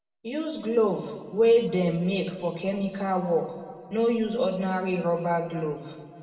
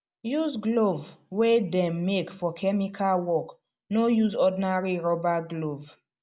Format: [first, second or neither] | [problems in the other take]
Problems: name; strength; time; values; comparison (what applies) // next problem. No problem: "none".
second | room echo; dies away in 1.8 s